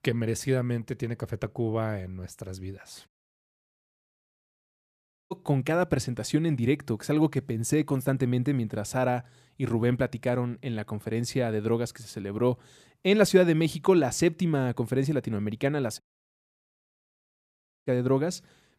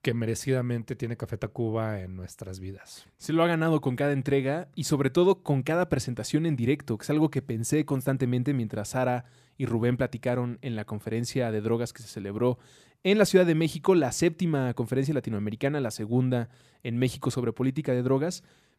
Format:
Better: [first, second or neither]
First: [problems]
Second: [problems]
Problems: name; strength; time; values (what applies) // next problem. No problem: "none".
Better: second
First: audio cutting out; at 3 s for 2 s and at 16 s for 2 s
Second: none